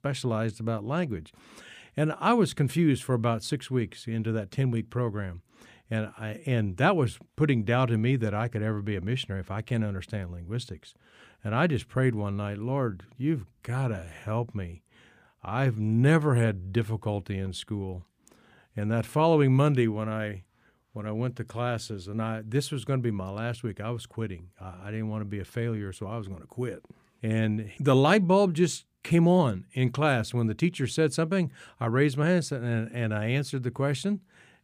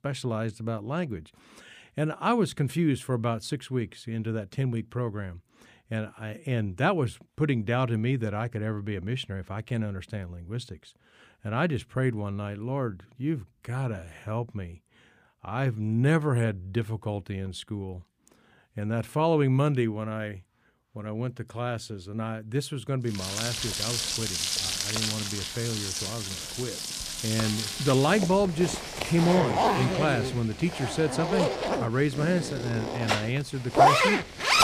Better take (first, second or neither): first